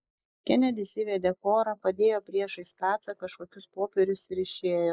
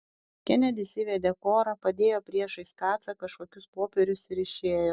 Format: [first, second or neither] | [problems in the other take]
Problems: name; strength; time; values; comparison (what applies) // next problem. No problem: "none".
second | noise reduction (neural mask model Resemble Enhance denoiser)